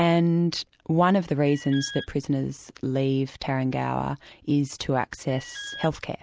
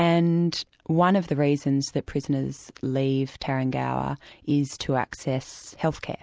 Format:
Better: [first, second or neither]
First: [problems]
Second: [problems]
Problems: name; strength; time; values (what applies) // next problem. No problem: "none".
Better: second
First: background sound (Alarm); 16 dB below the speech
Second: none